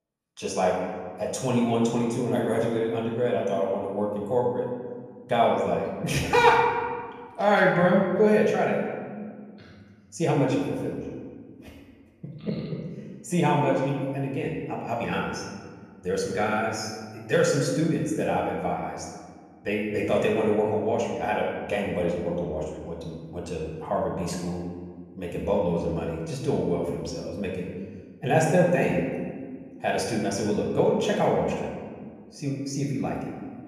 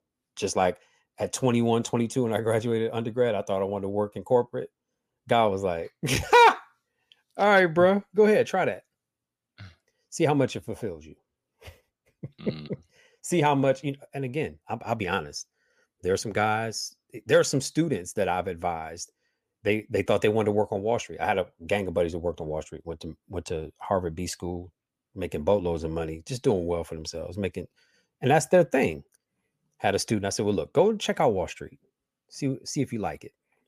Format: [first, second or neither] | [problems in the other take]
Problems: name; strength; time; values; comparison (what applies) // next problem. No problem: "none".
second | room echo; noticeable; dies away in 1.6 s // off-mic speech; far